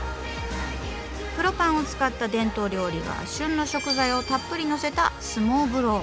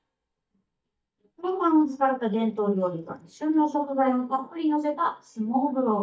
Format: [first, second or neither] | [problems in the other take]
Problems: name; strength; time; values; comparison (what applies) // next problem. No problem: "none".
first | noise reduction (neural mask model DeepFilterNet 3)